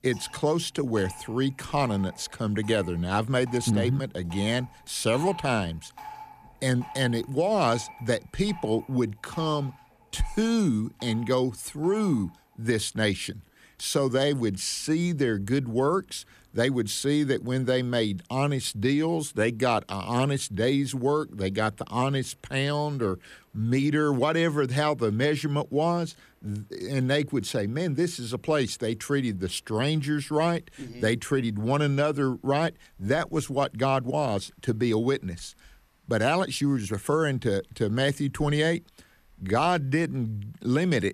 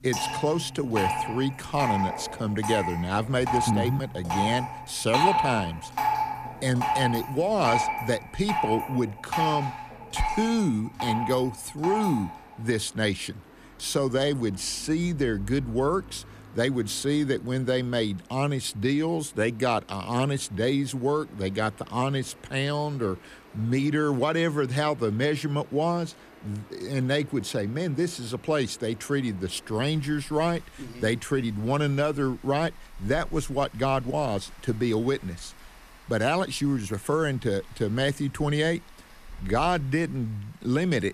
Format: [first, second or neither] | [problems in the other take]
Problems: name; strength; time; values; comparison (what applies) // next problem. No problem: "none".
first | rain or running water; loud; throughout; 3 dB below the speech; faint in the first